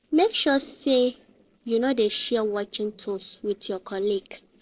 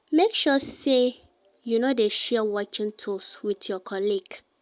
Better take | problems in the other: second | noise reduction (neural separator model SepFormer DNS4)

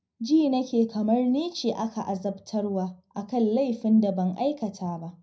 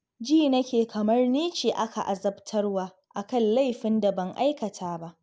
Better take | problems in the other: second | room echo; dies away in 0.5 s

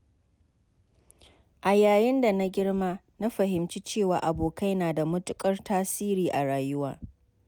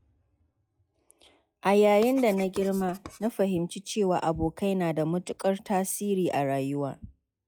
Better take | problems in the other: first | noise reduction (classical method log-MMSE)

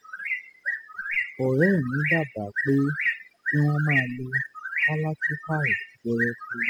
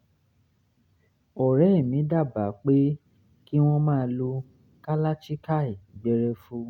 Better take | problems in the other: second | noise reduction (classical method spectral subtraction)

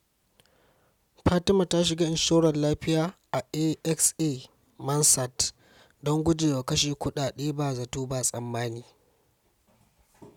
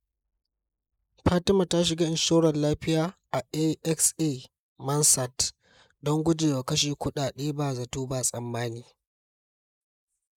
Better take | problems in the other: first | noise reduction (neural mask model Resemble Enhance denoiser)

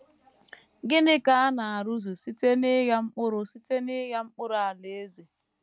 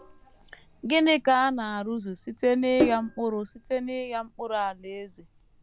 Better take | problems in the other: first | background sound (Sink (filling or washing)); 9 dB below the speech

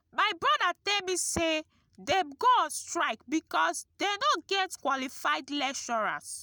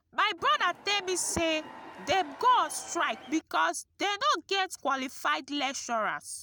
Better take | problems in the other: first | background sound (Crowd / Cheering); 17 dB below the speech

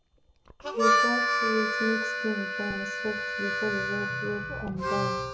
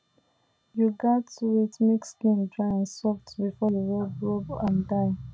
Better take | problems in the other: second | background sound (Harmonica); 4 dB above the speech // room echo; dies away in 0.6 s

